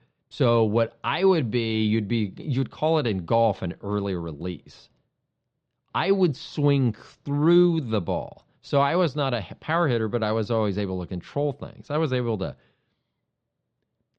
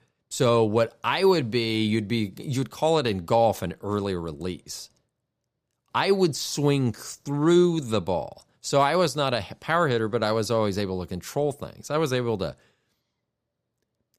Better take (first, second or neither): second